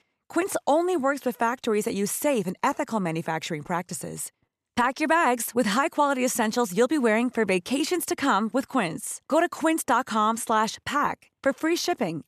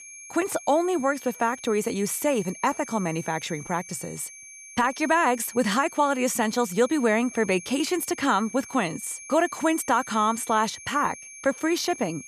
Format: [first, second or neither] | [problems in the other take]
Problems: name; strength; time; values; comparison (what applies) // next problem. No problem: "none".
first | high-pitched whine; noticeable; throughout; 6.5 kHz, 15 dB below the speech